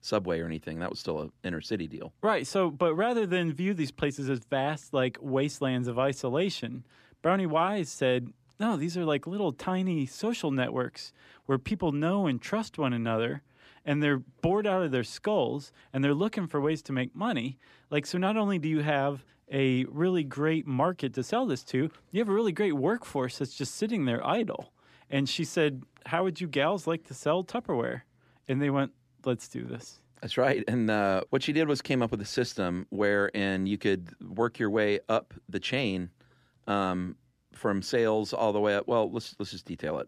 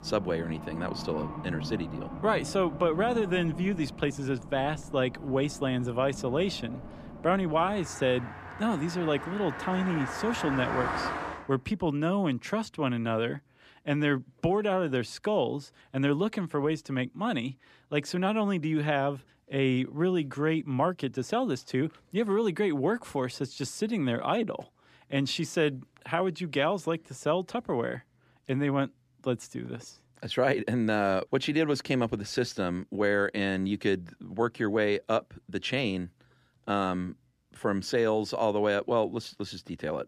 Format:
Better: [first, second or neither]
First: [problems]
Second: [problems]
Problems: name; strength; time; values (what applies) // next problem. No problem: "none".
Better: first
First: none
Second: traffic noise; loud; until 11 s; 9 dB below the speech